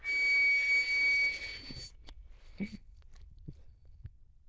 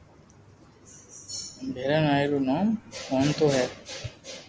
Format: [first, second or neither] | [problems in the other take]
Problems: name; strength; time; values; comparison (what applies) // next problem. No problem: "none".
second | noise reduction (neural diffusion model UNIVERSE++)